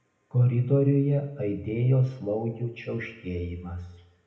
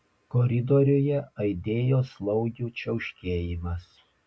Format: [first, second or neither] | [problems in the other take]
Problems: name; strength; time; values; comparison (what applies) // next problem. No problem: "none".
second | room echo; dies away in 0.7 s